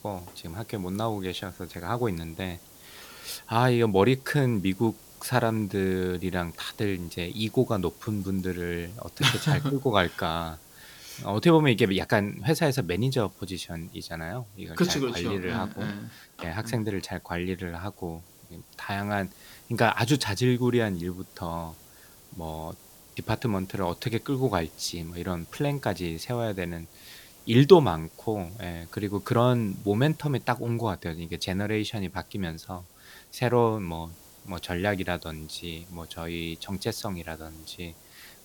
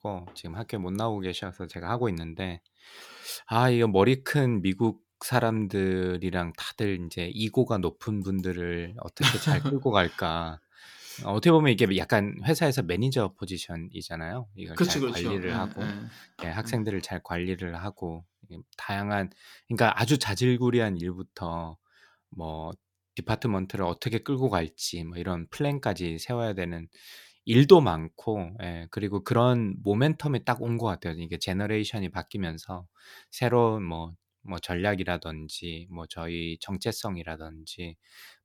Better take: second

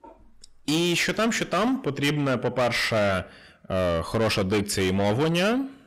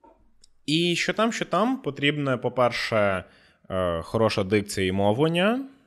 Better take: second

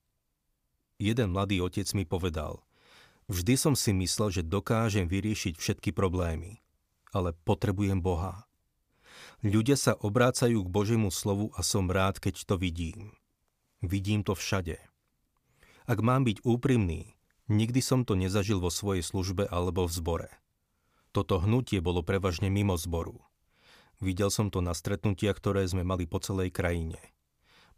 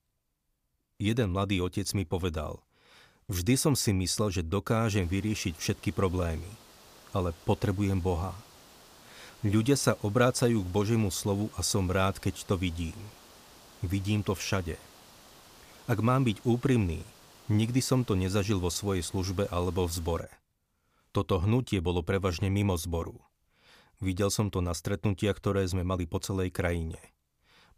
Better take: first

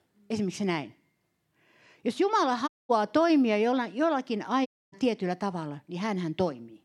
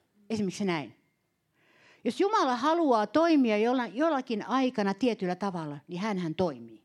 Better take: second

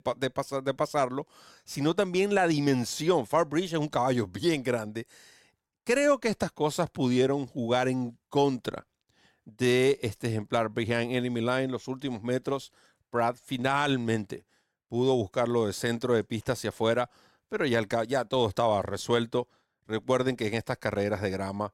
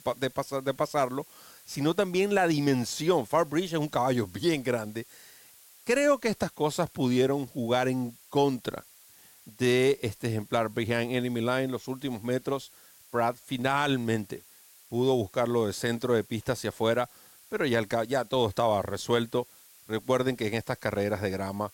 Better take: first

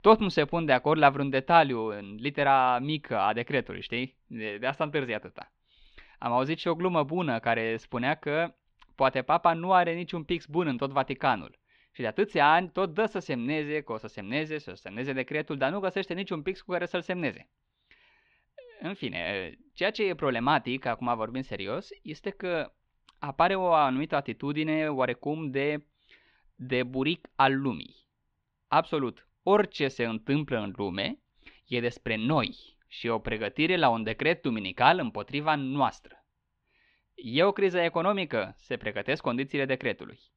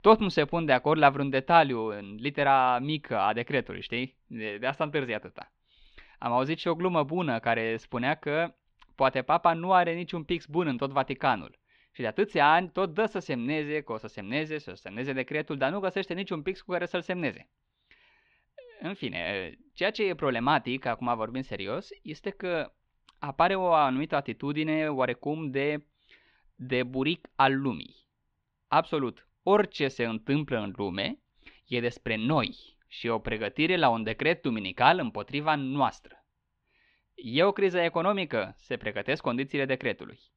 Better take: neither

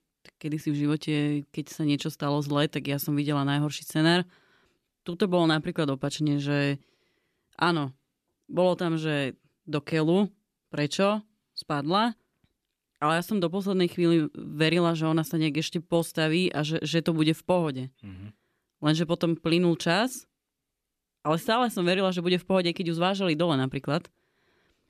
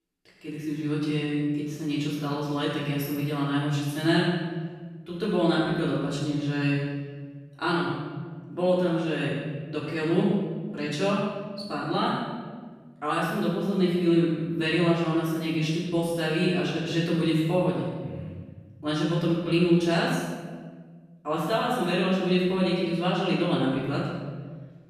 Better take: first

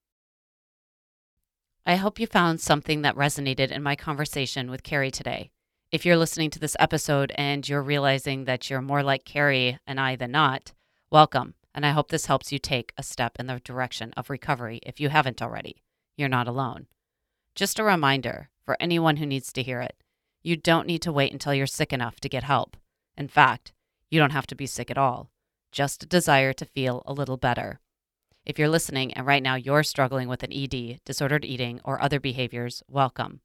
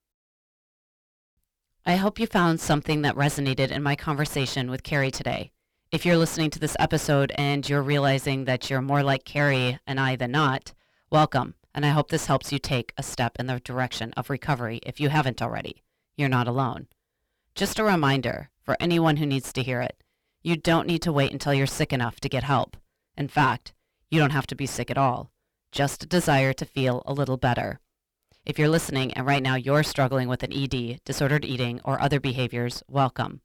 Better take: first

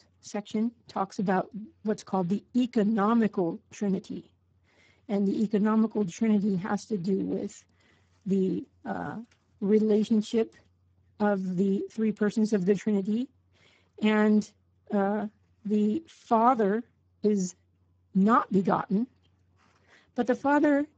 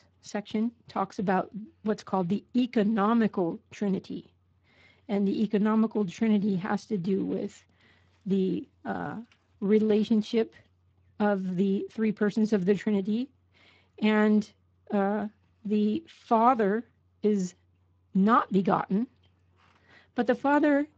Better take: second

